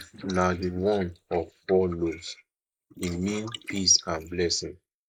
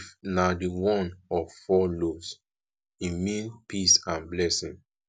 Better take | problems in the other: second | noise reduction (neural mask model Resemble Enhance denoiser)

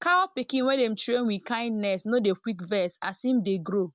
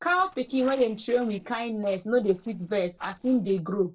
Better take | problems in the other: first | noise reduction (neural separator model SepFormer DNS4)

